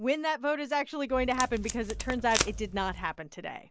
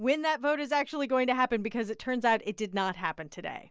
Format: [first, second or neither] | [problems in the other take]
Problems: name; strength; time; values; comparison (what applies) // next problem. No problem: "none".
second | background sound (Packing tape, duct tape); 5 dB below the speech